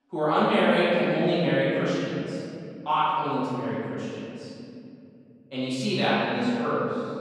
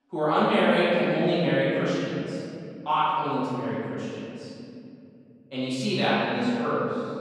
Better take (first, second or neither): neither